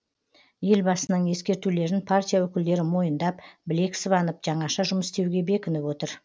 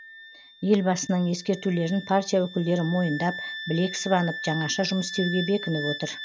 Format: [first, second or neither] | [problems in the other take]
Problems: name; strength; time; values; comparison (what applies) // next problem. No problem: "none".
first | background sound (Wind instrument, woodwind instrument); 11 dB below the speech